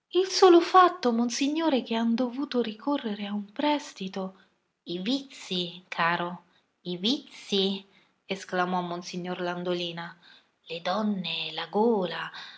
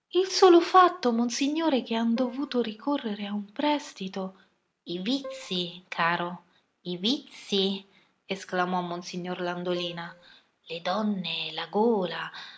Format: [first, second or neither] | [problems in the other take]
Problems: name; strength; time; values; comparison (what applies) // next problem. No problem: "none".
first | background sound (Keyboard (musical)); 15 dB below the speech